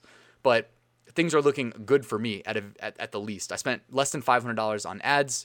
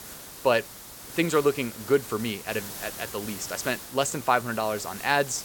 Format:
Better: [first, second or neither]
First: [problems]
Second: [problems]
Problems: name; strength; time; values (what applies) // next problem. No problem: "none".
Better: first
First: none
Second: hiss; noticeable; throughout; 10 dB below the speech